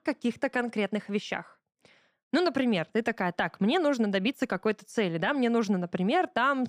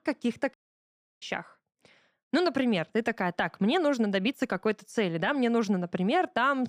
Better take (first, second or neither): first